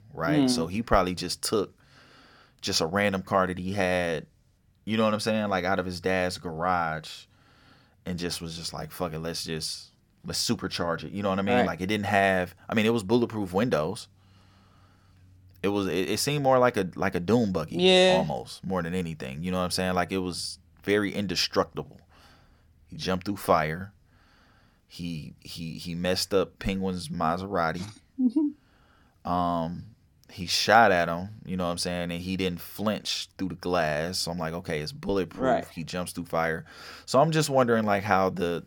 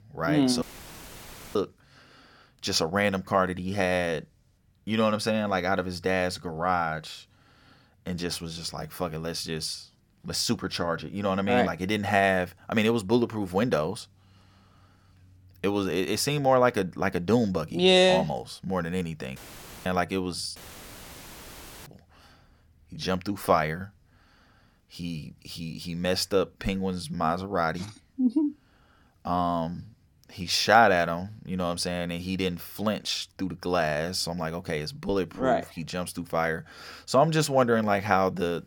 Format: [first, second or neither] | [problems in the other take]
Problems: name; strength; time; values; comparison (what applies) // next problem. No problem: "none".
first | audio cutting out; filled with static; at 0.5 s for 1 s, at 19 s and at 21 s for 1.5 s